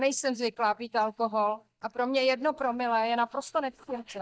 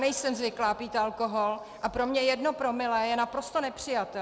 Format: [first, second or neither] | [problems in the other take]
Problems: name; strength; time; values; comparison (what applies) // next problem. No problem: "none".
second | noise reduction (neural mask model DeepFilterNet 3)